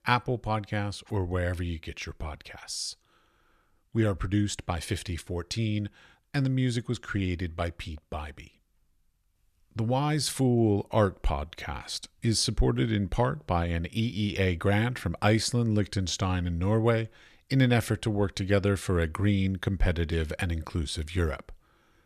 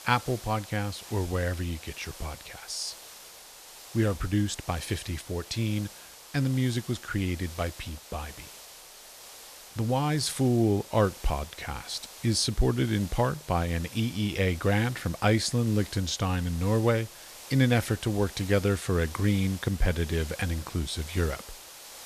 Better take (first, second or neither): first